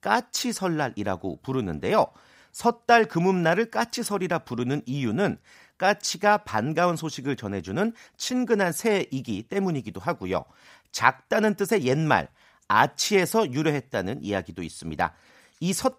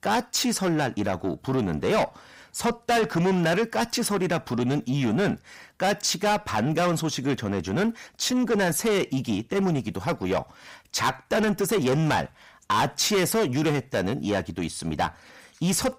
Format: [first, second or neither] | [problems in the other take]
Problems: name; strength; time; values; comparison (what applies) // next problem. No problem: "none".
first | distortion; heavy; 6 dB below the speech